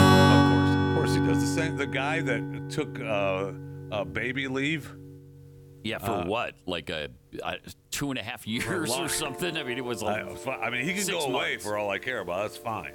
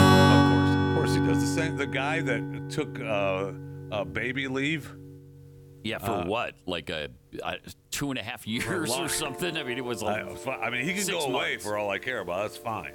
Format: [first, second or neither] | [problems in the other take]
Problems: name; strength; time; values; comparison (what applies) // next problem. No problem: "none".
neither | background music; very loud; throughout; 4 dB above the speech; the same in both